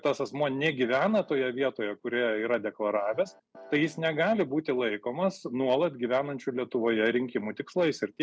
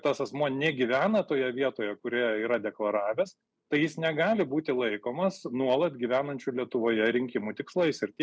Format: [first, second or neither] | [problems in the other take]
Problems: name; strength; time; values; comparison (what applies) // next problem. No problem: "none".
second | background sound (Piano); 20 dB below the speech